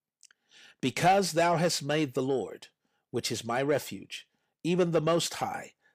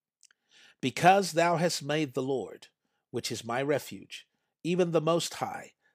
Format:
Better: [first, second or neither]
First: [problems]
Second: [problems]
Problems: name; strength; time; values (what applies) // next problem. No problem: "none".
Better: second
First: distortion; slight; 10 dB below the speech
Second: none